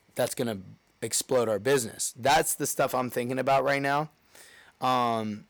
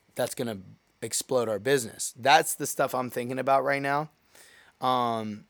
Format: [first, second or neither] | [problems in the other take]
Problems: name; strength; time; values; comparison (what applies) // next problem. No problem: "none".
second | distortion; slight; 4% of the sound clipped